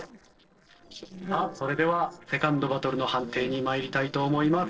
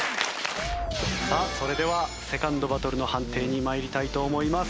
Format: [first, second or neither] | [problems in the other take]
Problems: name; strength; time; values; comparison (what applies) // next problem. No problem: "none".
second | noise reduction (neural separator model SepFormer DNS4)